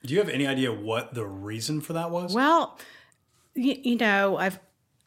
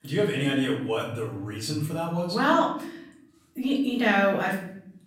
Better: first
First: none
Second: room echo; slight; dies away in 0.8 s // off-mic speech; far

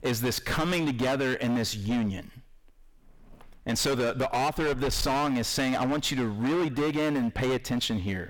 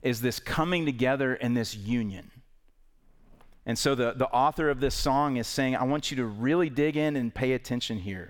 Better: second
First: distortion; heavy; 25% of the sound clipped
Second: none

